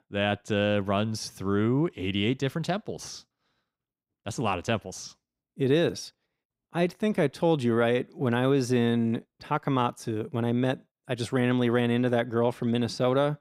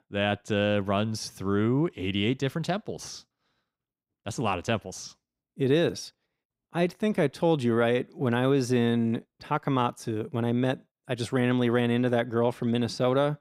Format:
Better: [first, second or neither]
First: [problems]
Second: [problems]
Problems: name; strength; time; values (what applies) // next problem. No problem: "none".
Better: neither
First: none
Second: none